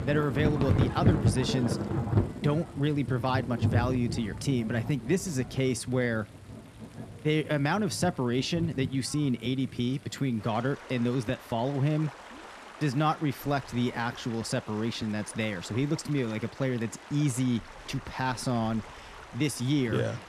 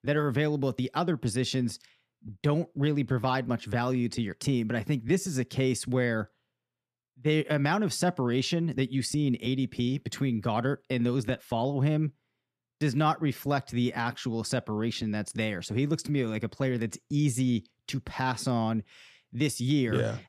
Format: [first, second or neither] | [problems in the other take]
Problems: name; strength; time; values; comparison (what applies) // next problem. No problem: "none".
second | rain or running water; loud; throughout; 5 dB below the speech